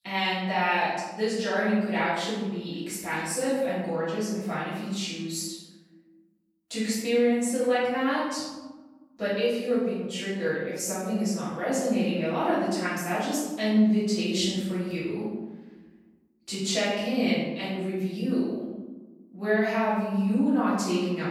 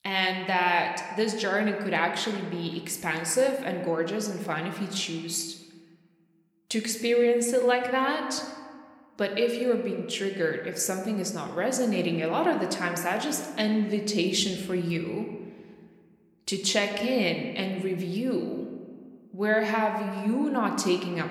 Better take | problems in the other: second | room echo; strong; dies away in 1 s; slight in the second // off-mic speech; far

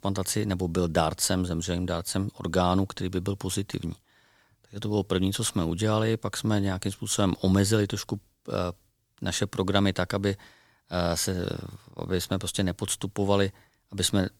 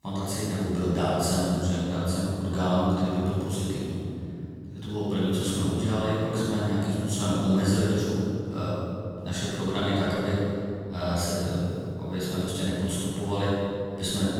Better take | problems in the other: first | off-mic speech; far // room echo; strong; dies away in 2.9 s

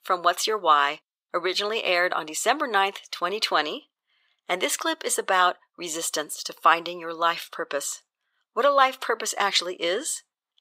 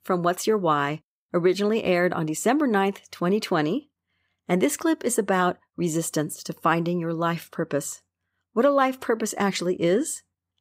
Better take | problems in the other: second | thin; very; fading below 650 Hz

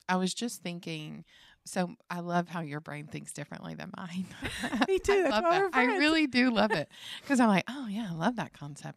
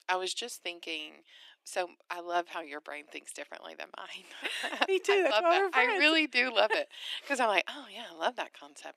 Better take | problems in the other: first | thin; very; fading below 350 Hz

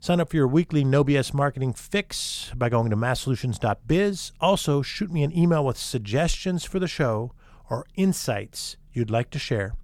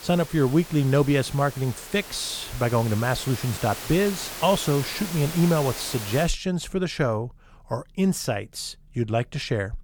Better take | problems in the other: first | hiss; noticeable; until 6.5 s; 10 dB below the speech

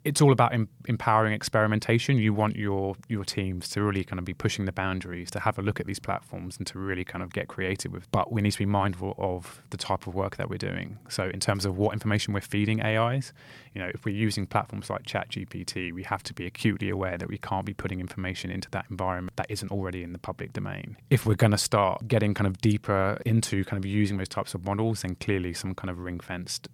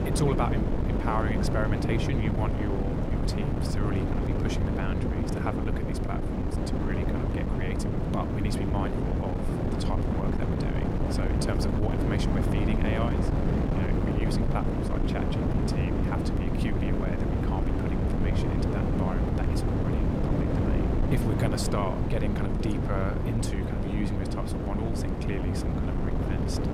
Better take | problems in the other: first | wind noise on the microphone; heavy; 2 dB above the speech

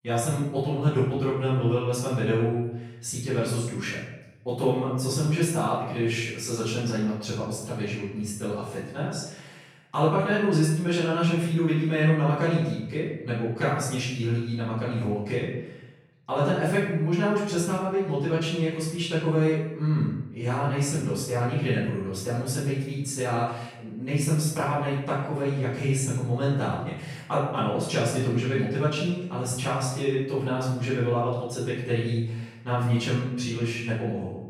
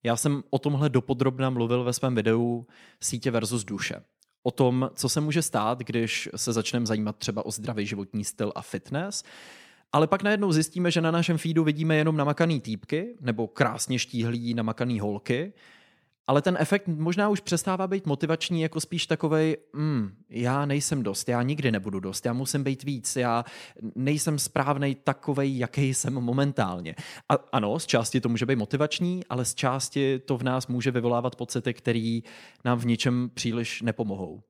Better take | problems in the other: second | off-mic speech; far // room echo; noticeable; dies away in 0.8 s

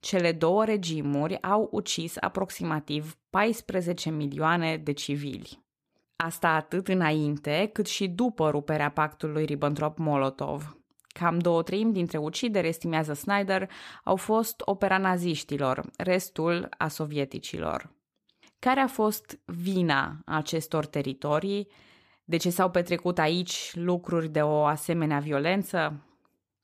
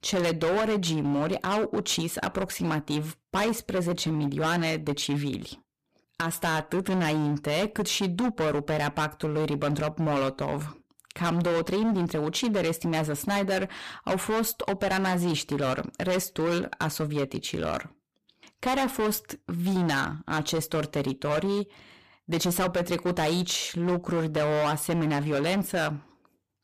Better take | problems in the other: first | distortion; heavy; 17% of the sound clipped

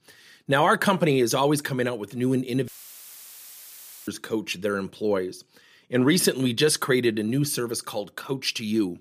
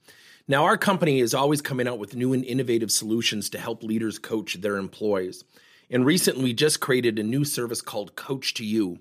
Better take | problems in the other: second | audio cutting out; filled with static; at 2.5 s for 1.5 s

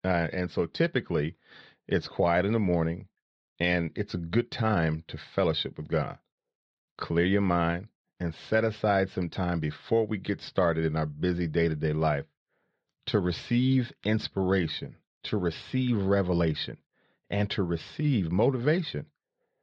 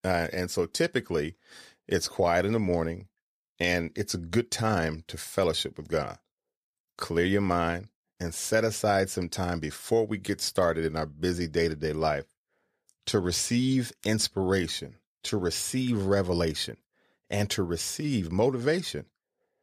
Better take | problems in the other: second | muffled; slightly; fading above 4 kHz

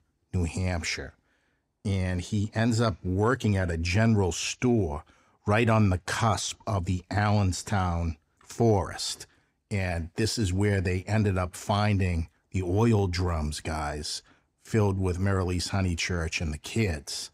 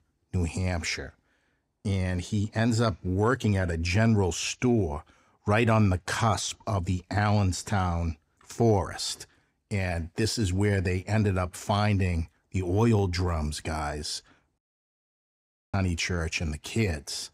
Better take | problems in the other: first | audio cutting out; at 15 s for 1 s

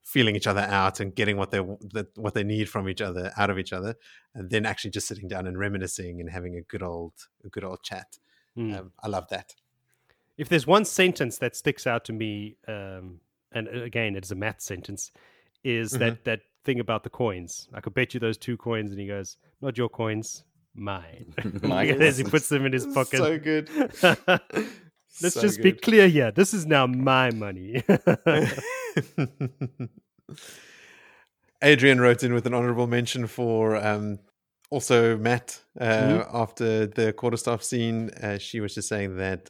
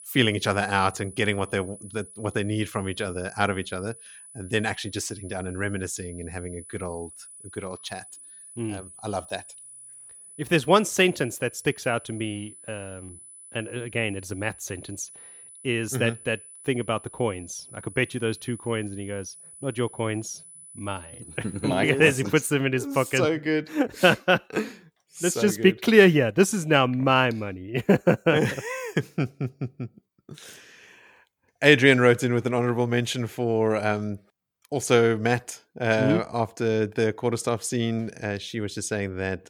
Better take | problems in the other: first | high-pitched whine; noticeable; until 22 s; 10 kHz, 20 dB below the speech

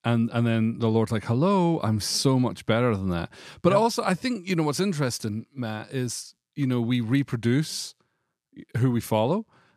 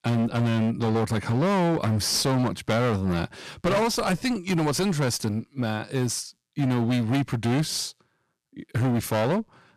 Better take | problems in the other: first | distortion; heavy; 24% of the sound clipped

